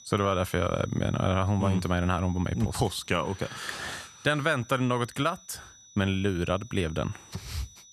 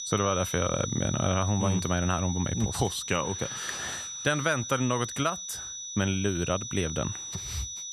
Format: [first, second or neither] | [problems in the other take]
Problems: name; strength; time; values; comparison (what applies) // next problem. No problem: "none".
first | high-pitched whine; loud; throughout; 6 kHz, 5 dB below the speech; faint in the first